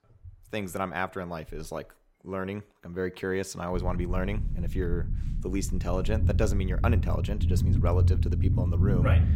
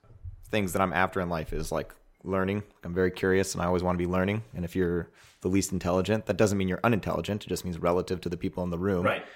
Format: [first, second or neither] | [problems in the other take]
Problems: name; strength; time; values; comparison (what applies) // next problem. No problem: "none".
second | low rumble; loud; from 3.5 s on; 8 dB below the speech